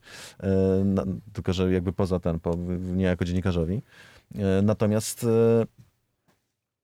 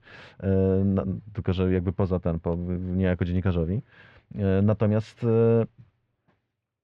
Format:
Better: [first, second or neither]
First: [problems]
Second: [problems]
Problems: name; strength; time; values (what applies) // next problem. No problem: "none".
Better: first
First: none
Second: muffled; very; fading above 3 kHz